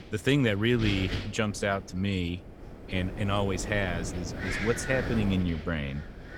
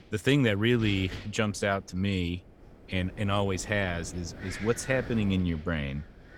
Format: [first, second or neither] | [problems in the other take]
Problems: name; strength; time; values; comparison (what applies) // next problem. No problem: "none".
second | wind noise on the microphone; heavy; 7 dB below the speech; occasional gusts in the second